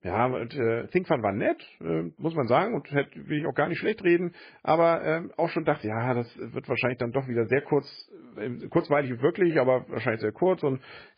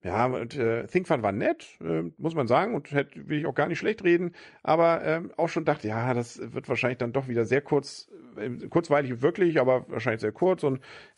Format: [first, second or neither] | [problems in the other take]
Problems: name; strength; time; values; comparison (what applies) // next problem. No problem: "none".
second | garbled, watery; badly; slightly in the second